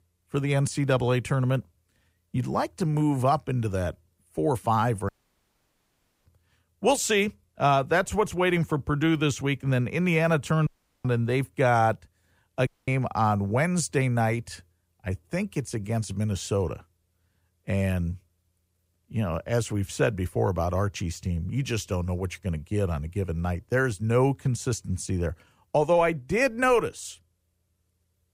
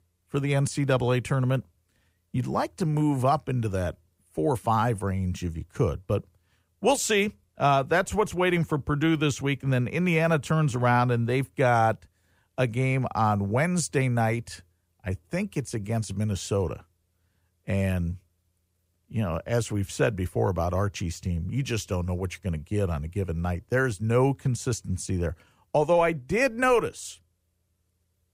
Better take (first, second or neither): second